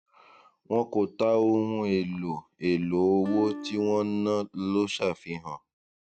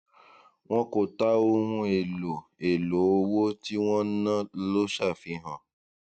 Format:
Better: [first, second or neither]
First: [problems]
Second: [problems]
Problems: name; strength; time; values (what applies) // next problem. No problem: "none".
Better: second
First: background sound (Acoustic guitar); 10 dB below the speech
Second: none